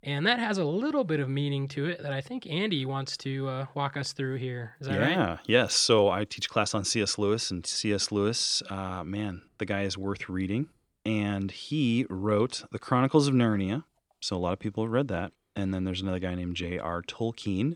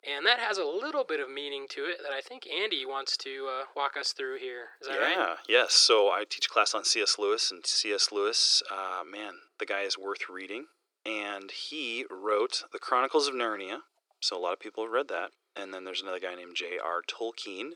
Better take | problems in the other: first | thin; very; fading below 350 Hz

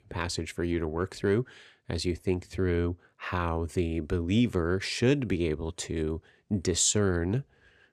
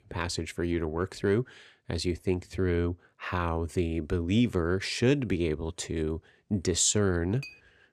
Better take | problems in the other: first | clattering dishes; faint; at 7.5 s; peak 15 dB below the speech

